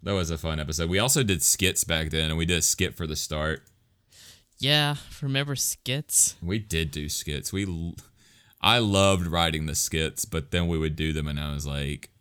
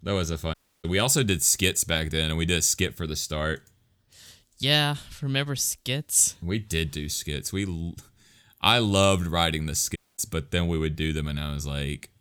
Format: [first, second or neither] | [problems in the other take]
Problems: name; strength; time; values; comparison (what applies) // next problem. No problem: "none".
first | audio cutting out; at 0.5 s and at 10 s